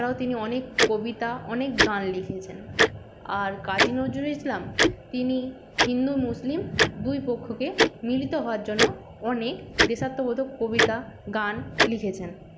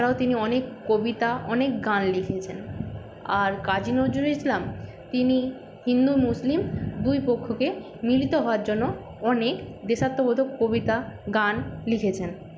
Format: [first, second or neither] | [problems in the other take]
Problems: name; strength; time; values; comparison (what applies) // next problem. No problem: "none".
second | background sound (Tick-tock); as loud as the speech